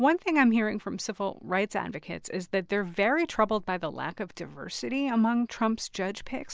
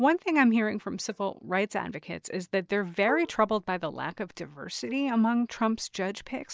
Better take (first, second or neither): first